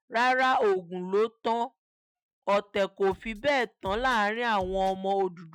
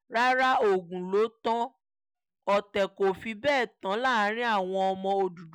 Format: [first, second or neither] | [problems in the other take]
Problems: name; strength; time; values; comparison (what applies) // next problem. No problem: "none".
second | noise reduction (neural mask model RNNoise)